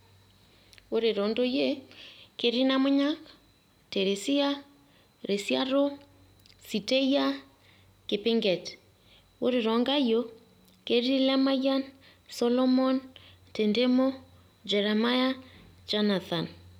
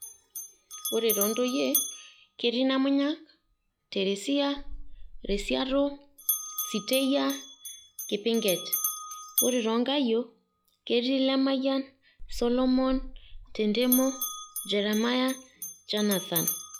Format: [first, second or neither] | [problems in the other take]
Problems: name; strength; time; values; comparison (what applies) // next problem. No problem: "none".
first | noise reduction (classical method log-MMSE)